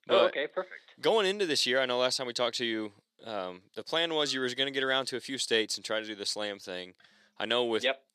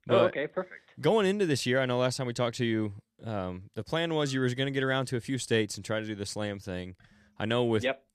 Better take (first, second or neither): second